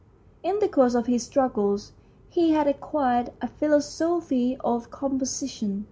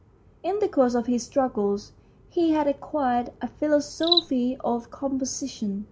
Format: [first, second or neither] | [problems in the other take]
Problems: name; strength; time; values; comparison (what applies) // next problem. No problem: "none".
first | background sound (Cricket); 11 dB below the speech